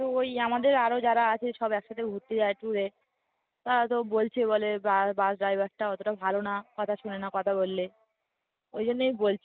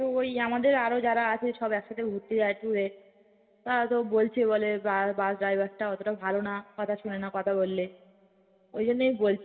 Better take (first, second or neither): first